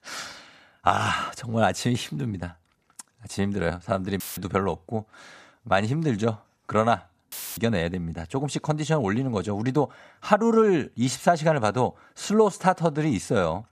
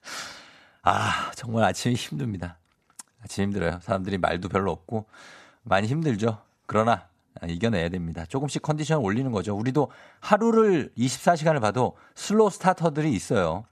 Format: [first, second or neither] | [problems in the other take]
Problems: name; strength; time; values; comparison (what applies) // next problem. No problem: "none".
second | audio cutting out; filled with static; at 4 s and at 7.5 s